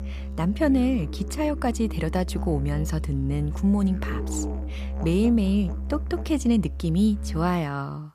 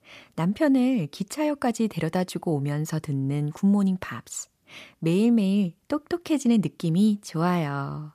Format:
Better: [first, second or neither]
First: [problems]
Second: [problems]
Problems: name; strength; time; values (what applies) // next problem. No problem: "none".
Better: second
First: background music; loud; throughout; 7 dB below the speech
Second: none